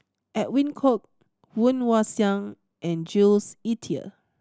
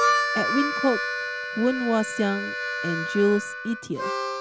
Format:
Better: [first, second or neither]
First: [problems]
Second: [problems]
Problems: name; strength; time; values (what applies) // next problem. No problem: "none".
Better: first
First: none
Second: background sound (Harmonica); 1 dB below the speech